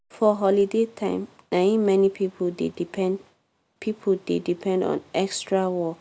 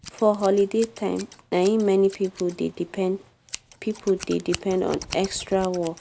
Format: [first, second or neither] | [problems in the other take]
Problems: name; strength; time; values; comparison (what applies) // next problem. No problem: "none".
first | background sound (Scissors); 17 dB below the speech